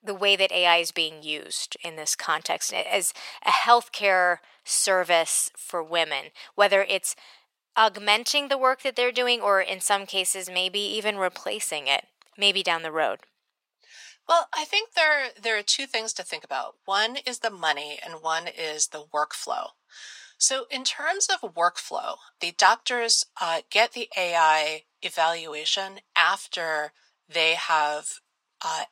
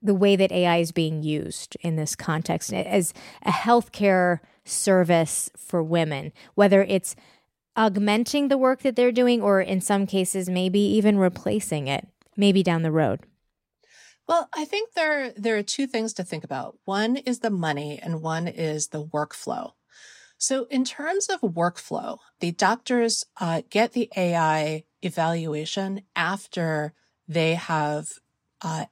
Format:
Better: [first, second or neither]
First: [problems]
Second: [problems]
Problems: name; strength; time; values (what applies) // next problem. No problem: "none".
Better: second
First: thin; very; fading below 850 Hz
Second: none